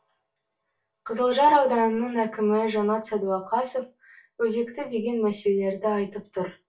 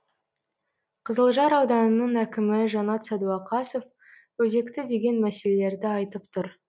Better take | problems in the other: second | room echo; dies away in 0.2 s

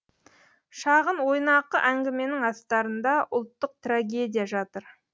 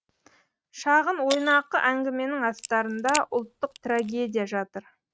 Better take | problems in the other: first | noise reduction (neural mask model RNNoise)

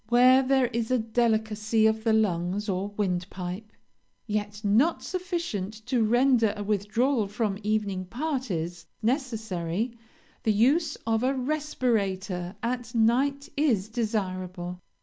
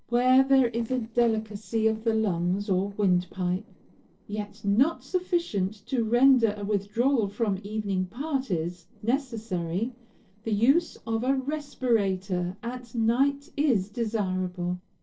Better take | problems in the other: first | noise reduction (neural separator model SepFormer DNS4)

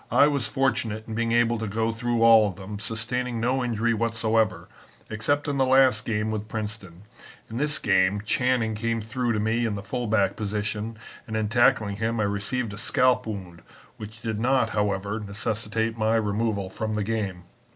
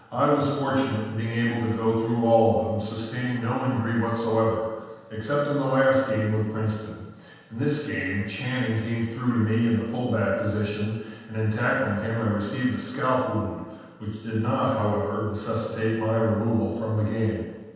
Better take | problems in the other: first | room echo; dies away in 1.2 s

